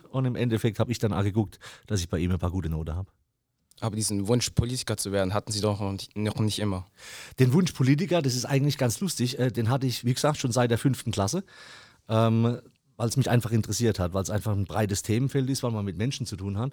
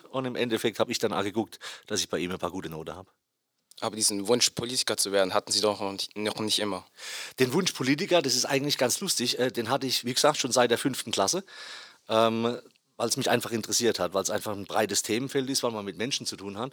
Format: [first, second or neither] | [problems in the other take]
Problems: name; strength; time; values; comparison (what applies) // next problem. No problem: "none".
first | thin; somewhat; fading below 350 Hz